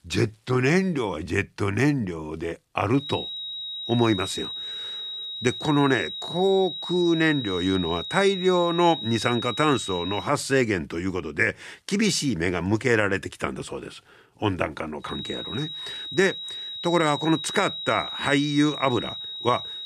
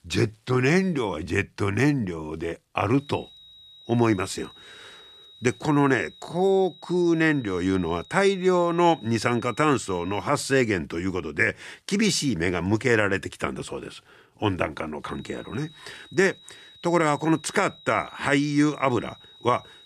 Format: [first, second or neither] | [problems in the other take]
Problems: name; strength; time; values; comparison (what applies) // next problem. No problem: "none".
second | high-pitched whine; loud; from 3 to 10 s and from 15 s on; 4 kHz, 7 dB below the speech; faint in the second